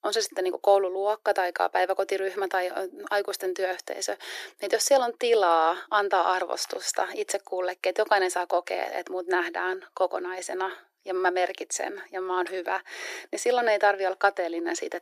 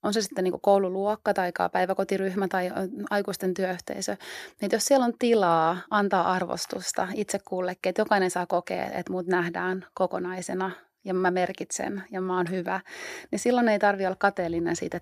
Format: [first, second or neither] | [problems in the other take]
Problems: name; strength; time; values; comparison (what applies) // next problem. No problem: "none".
second | thin; very; fading below 350 Hz